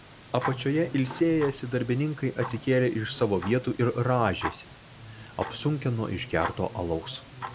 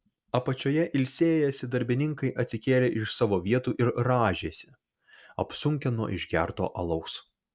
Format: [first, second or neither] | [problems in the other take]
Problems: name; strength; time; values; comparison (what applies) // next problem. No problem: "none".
second | background sound (Tick-tock); 12 dB below the speech